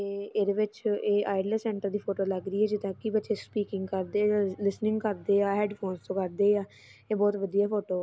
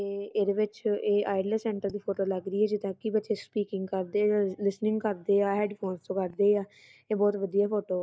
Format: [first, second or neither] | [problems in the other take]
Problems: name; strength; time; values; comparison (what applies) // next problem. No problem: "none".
first | noise reduction (neural mask model DeepFilterNet 3)